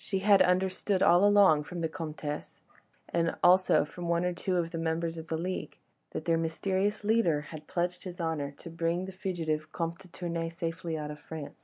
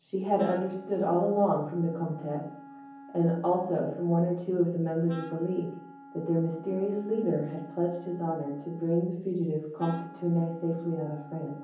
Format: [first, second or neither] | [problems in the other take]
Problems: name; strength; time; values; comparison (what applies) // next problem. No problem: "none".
first | background sound (Wind instrument, woodwind instrument); 19 dB below the speech // room echo; dies away in 0.7 s